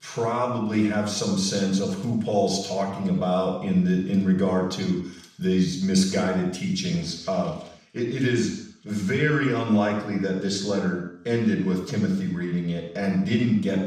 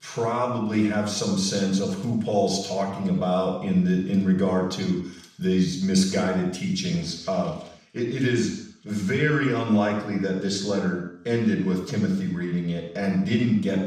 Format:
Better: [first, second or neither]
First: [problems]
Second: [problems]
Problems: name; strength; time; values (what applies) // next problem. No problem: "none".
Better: neither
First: room echo; noticeable; dies away in 0.7 s // off-mic speech; far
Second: room echo; noticeable; dies away in 0.7 s // off-mic speech; far